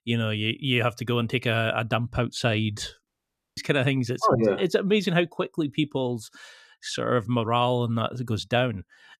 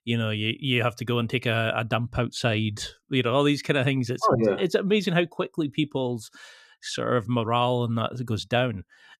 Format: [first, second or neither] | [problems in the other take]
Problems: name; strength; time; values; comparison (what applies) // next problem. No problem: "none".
second | audio cutting out; at 3 s for 0.5 s